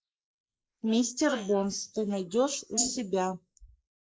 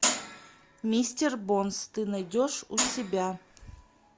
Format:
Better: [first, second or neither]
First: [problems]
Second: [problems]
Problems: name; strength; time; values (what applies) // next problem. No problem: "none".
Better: second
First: noise reduction (neural mask model Resemble Enhance denoiser)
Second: none